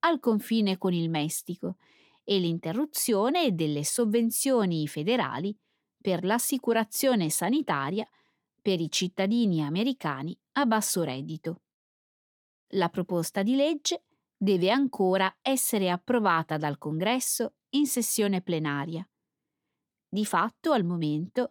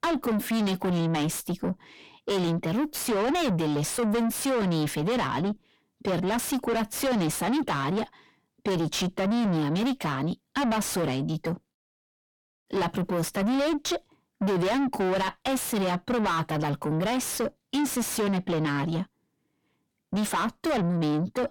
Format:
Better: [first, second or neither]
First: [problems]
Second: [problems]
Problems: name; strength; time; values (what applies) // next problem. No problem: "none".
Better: first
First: none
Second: distortion; heavy; 5 dB below the speech